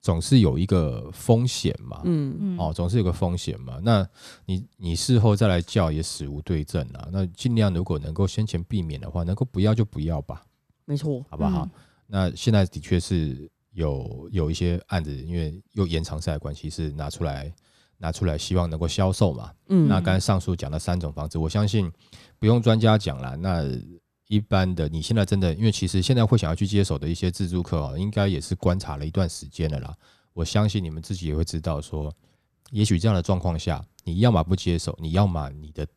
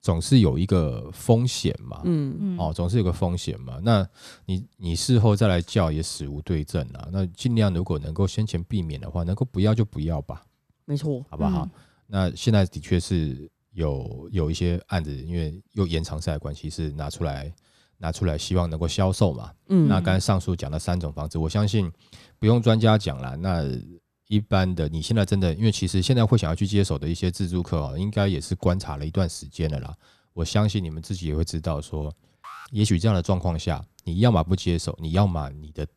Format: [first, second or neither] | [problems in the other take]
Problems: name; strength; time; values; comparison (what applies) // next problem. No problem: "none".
first | alarm; faint; at 32 s; peak 15 dB below the speech